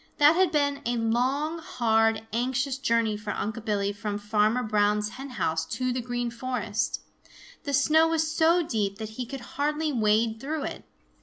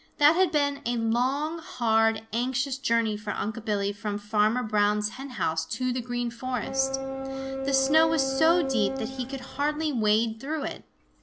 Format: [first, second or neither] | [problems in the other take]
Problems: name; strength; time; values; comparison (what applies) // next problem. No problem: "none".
first | background sound (Boat, Water vehicle); 5 dB below the speech